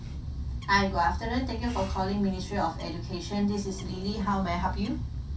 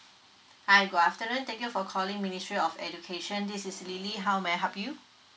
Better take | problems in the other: second | background sound (Bird); 5 dB below the speech // room echo; dies away in 0.3 s

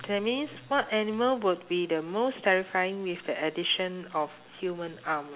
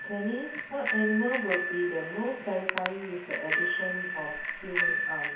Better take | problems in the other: first | background sound (Bicycle bell); as loud as the speech // room echo; dies away in 0.6 s

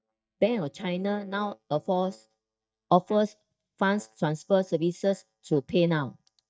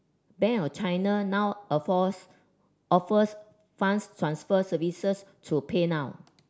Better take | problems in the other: second | noise reduction (neural mask model DeepFilterNet 3)

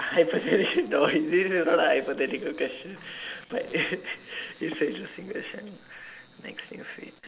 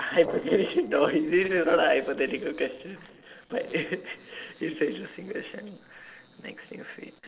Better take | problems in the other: first | noise reduction (neural separator model SepFormer DNS4)

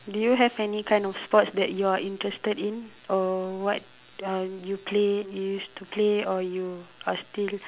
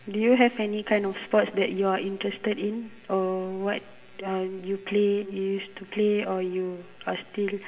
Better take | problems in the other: first | room echo; dies away in 1.6 s

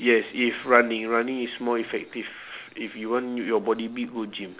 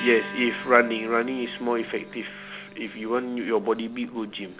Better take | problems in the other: first | background sound (Acoustic guitar); 15 dB below the speech

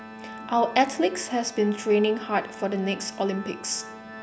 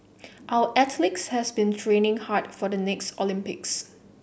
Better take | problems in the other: second | background sound (Organ); 15 dB below the speech

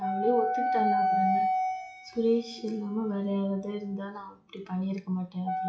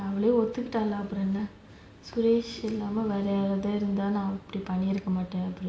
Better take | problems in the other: second | noise reduction (classical method log-MMSE)

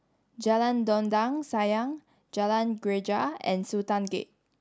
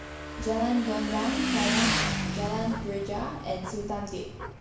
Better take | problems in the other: first | background sound (Motorcycle / Engine); as loud as the speech // room echo; dies away in 0.7 s

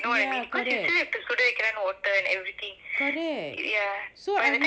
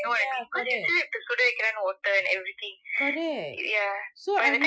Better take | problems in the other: first | noise reduction (classical method Wiener filter)

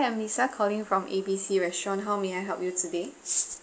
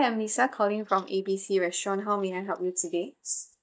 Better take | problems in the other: first | noise reduction (neural mask model DeepFilterNet 3)

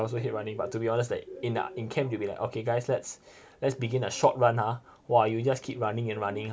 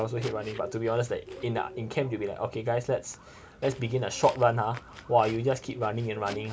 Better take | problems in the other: first | background sound (Walk, footsteps); 19 dB below the speech

